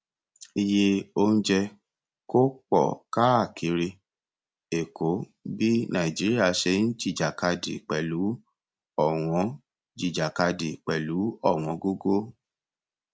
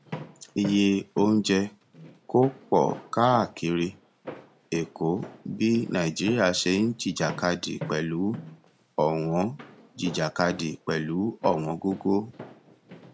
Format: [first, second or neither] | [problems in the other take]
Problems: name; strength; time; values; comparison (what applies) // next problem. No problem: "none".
first | background sound (Walk, footsteps); 17 dB below the speech